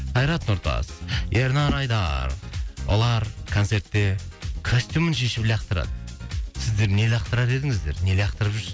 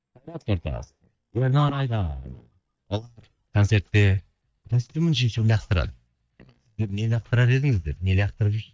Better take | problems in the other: first | noise reduction (neural mask model DeepFilterNet 3)

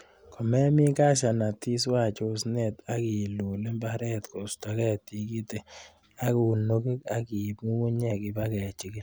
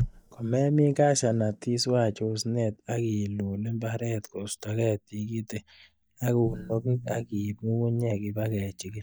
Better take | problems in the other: first | noise reduction (neural mask model DeepFilterNet 3)

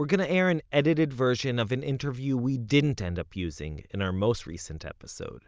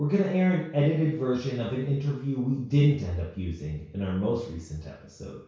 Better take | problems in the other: first | room echo; dies away in 0.6 s

